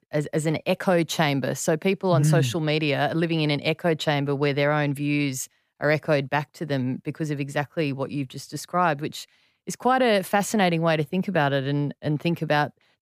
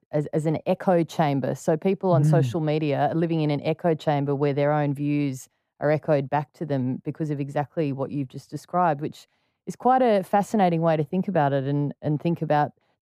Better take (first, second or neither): first